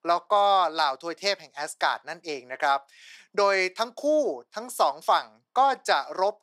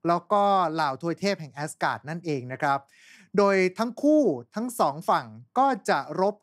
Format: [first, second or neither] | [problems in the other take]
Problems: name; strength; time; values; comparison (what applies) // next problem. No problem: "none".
second | thin; somewhat; fading below 600 Hz